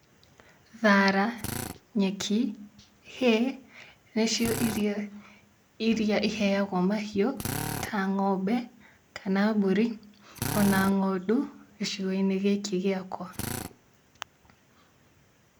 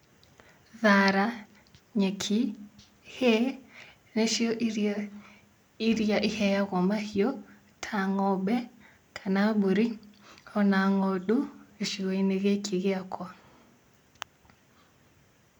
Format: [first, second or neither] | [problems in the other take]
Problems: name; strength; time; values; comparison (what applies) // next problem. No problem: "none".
second | background sound (Drill); 13 dB below the speech